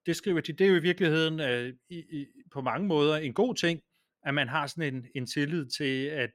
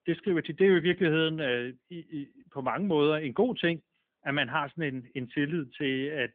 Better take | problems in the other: first | phone-call audio; nothing above 3.5 kHz

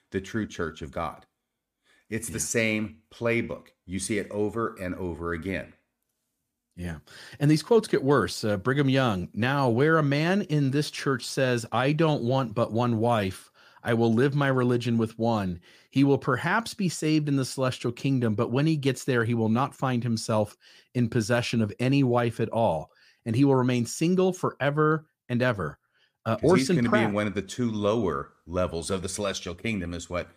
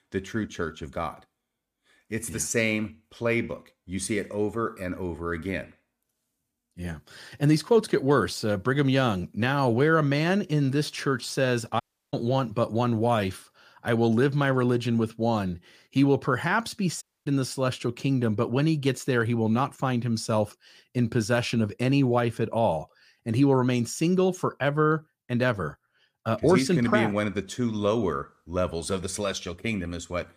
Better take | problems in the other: first | audio cutting out; at 12 s and at 17 s

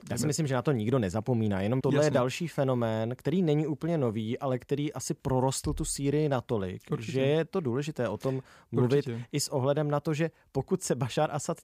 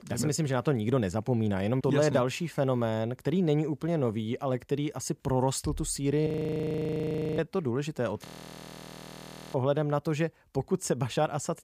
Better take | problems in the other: first | audio freezing; at 6.5 s for 1 s and at 8.5 s for 1.5 s

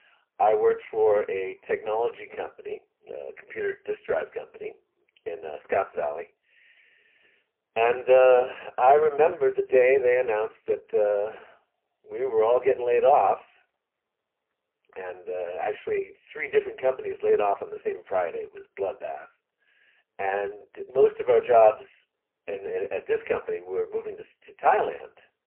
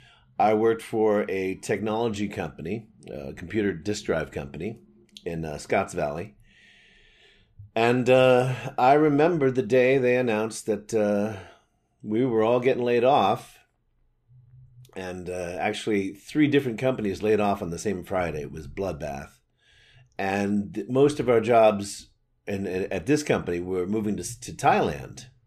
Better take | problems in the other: second | phone-call audio; poor line

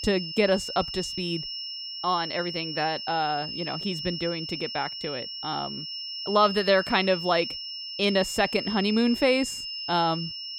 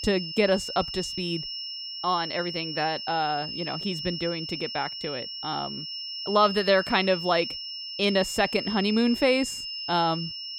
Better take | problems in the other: neither | high-pitched whine; loud; throughout; 5.5 kHz, 6 dB below the speech; the same in both

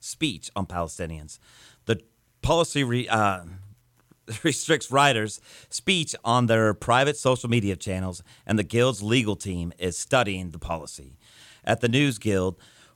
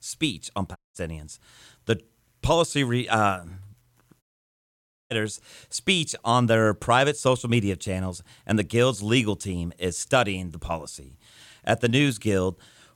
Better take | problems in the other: first | audio cutting out; at 1 s and at 4 s for 1 s

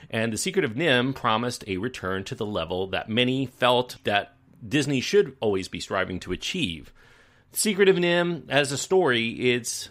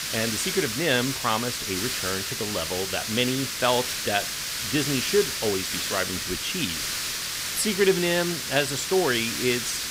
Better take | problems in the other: first | hiss; loud; throughout; 1 dB below the speech

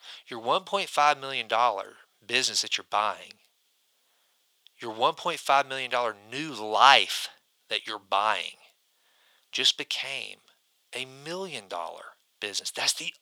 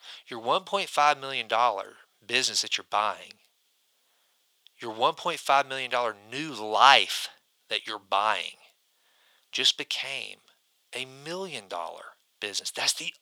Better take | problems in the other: neither | thin; very; fading below 900 Hz; the same in both

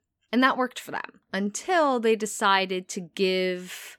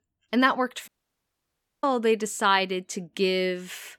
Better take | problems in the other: first | audio cutting out; at 1 s for 1 s

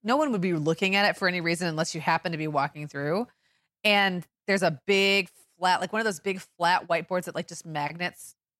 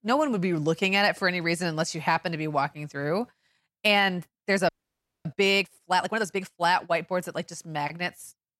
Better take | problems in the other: first | audio freezing; at 4.5 s for 0.5 s

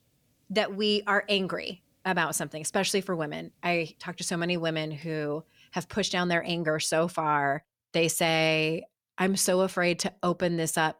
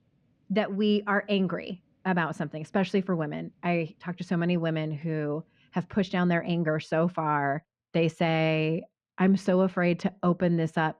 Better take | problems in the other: first | muffled; very; fading above 2.5 kHz

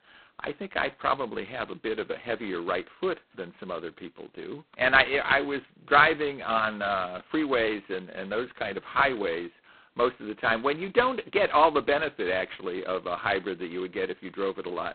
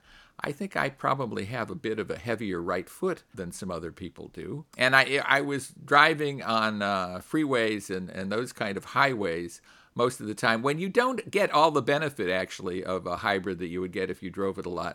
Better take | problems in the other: second | phone-call audio; poor line; nothing above 4 kHz

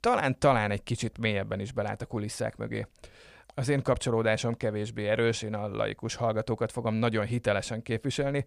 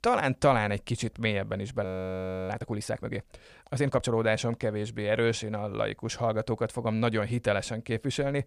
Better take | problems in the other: first | audio freezing; at 2 s for 0.5 s

